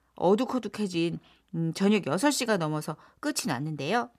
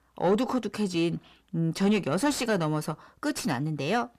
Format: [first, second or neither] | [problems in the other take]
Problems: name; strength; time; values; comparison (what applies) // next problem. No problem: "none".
first | distortion; slight; 10 dB below the speech